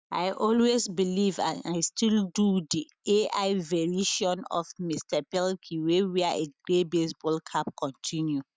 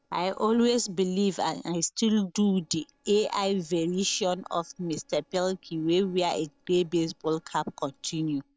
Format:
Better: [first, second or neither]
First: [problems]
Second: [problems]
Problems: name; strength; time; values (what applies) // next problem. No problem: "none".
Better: first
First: none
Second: noise reduction (neural separator model SepFormer DNS4)